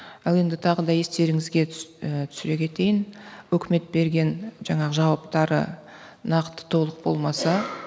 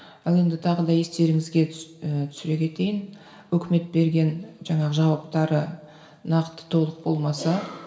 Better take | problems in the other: first | room echo; dies away in 0.6 s

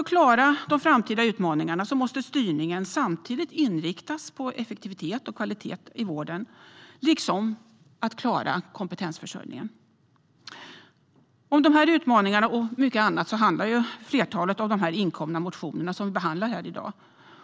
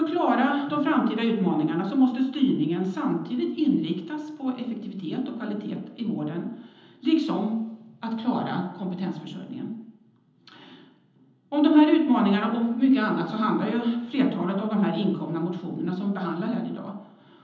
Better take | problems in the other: first | room echo; dies away in 0.9 s

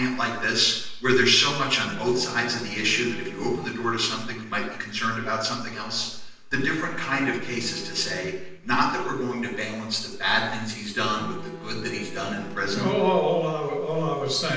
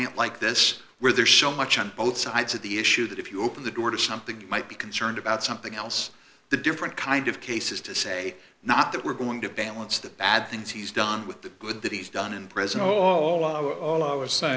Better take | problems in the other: second | background sound (Bowed string instrument); 16 dB below the speech // room echo; dies away in 0.7 s

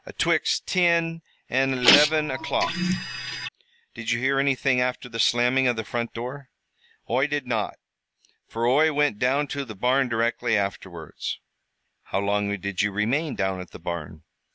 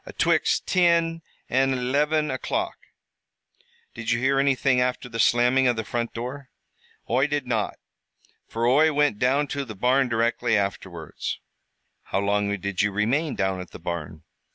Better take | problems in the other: second | background sound (Printer); 2 dB above the speech

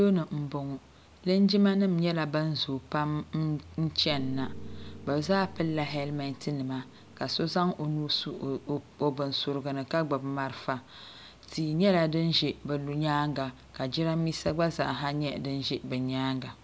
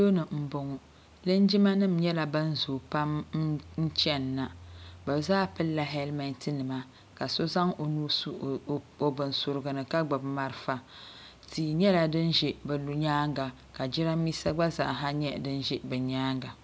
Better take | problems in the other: second | background sound (Piano); 20 dB below the speech

